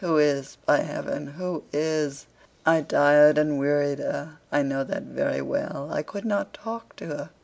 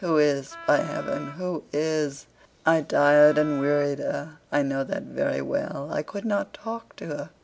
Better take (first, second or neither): first